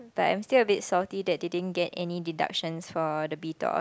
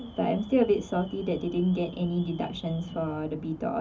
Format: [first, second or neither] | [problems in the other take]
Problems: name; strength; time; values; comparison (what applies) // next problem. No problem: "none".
first | background sound (Alarm); 19 dB below the speech // room echo; dies away in 0.3 s